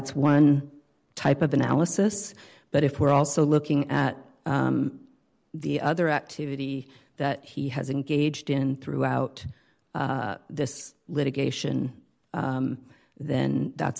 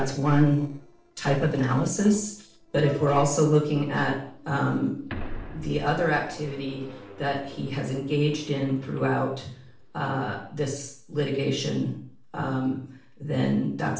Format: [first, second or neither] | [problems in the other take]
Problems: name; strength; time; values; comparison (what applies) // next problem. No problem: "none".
first | noise reduction (neural separator model SepFormer DNS4)